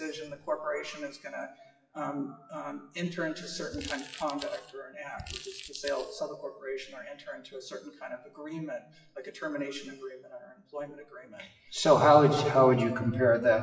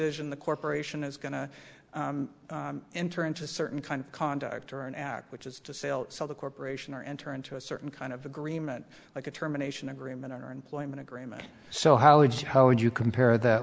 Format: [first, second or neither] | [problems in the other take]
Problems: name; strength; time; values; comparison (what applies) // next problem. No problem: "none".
second | noise reduction (classical method WPE with log-MMSE)